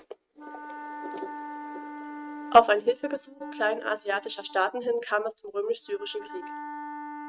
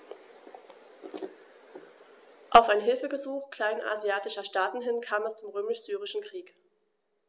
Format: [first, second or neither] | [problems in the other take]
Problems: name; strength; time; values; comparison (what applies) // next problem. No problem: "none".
second | noise reduction (neural mask model RNNoise)